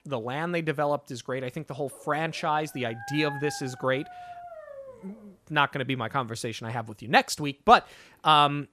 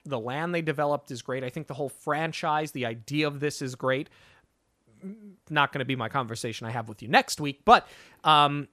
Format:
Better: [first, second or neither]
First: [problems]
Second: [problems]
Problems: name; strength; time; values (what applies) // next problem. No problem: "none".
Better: second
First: dog barking; noticeable; from 2 to 5 s; peak 10 dB below the speech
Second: none